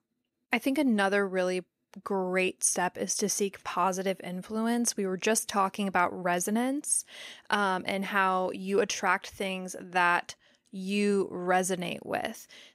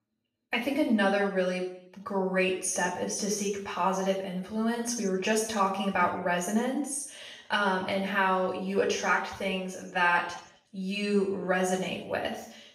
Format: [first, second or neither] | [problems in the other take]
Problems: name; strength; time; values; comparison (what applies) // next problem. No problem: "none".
first | room echo; noticeable; dies away in 0.6 s // off-mic speech; far